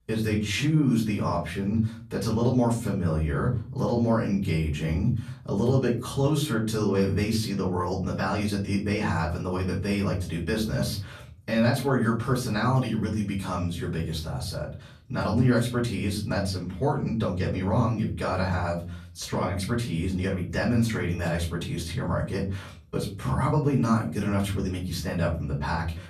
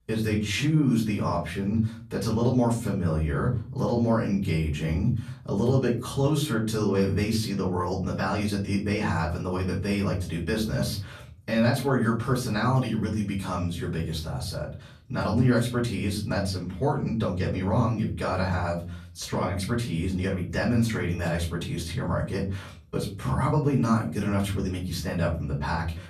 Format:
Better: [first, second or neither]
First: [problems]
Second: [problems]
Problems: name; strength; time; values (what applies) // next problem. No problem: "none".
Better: neither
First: off-mic speech; far // room echo; slight; dies away in 0.5 s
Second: off-mic speech; far // room echo; slight; dies away in 0.5 s